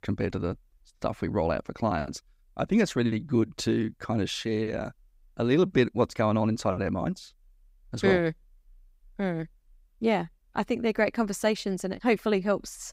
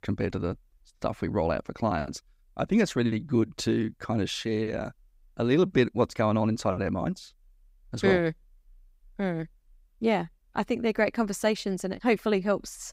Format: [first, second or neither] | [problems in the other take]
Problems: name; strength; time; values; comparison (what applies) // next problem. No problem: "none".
neither | none